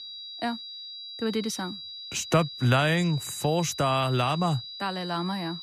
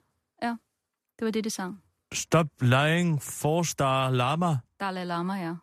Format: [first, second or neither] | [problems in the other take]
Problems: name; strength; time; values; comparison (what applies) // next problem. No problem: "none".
second | high-pitched whine; noticeable; throughout; 4 kHz, 10 dB below the speech